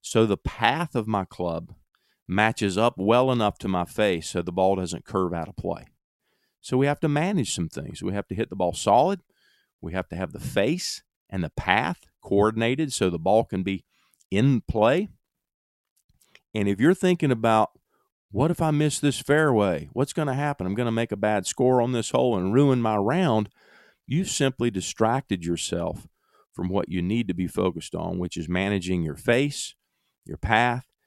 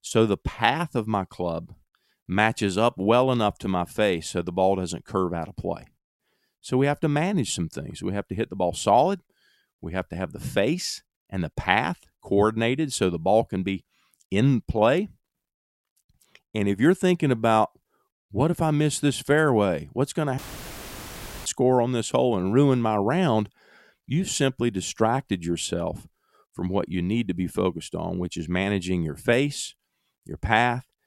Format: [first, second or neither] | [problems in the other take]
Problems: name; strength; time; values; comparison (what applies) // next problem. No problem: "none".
first | audio cutting out; filled with static; at 20 s for 1 s